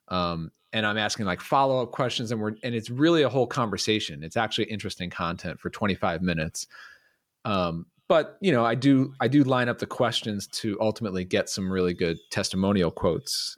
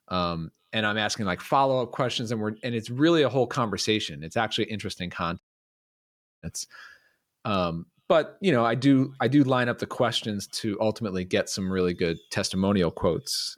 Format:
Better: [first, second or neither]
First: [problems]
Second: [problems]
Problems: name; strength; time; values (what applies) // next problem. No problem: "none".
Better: first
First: none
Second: audio cutting out; at 5.5 s for 1 s